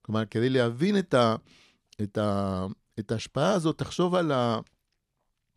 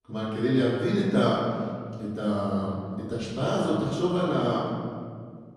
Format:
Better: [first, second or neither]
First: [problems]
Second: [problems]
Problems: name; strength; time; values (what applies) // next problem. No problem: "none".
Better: first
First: none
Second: off-mic speech; far // room echo; noticeable; dies away in 2 s